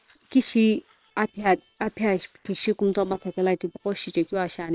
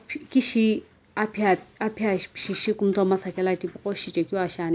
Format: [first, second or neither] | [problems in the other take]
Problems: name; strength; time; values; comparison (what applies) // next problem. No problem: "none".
second | noise reduction (neural separator model SepFormer WHAM!)